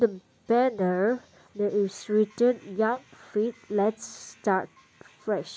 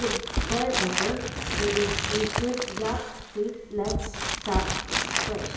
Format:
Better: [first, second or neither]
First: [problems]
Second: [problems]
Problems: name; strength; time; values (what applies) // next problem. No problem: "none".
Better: first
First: none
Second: background sound (Crumpling, crinkling); 1 dB above the speech // room echo; dies away in 1 s